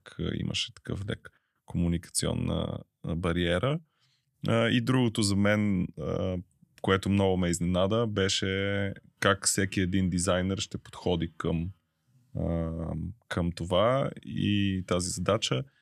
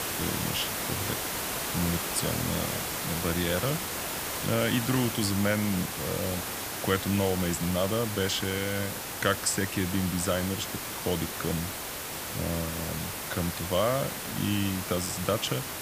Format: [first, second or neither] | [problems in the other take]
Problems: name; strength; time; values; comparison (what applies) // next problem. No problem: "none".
first | hiss; loud; throughout; 2 dB below the speech